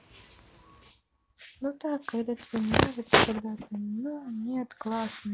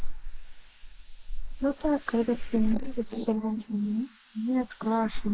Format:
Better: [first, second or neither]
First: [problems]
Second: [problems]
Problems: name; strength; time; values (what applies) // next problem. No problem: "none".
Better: first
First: none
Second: noise reduction (neural mask model Resemble Enhance denoiser)